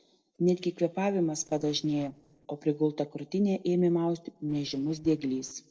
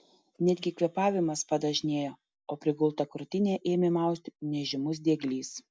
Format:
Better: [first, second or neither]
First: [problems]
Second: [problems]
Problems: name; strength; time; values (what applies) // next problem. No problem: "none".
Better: second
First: noise reduction (neural separator model SepFormer DNS4)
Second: none